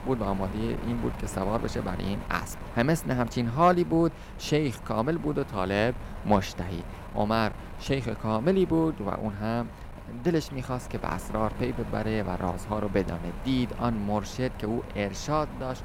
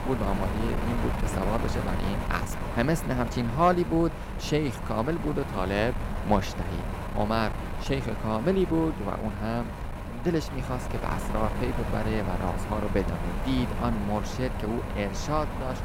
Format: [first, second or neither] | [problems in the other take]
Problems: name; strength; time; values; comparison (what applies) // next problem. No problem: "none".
first | wind noise on the microphone; heavy; 6 dB below the speech; occasional gusts in the first